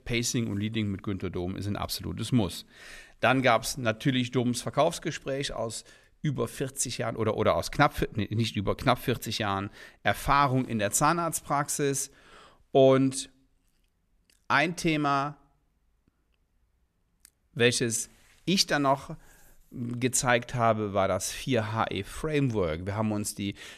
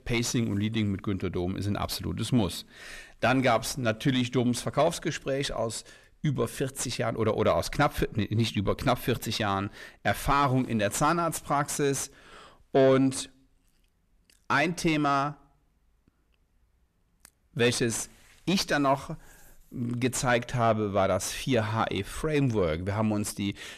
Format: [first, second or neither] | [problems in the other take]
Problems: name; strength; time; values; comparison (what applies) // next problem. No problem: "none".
first | distortion; slight; 10 dB below the speech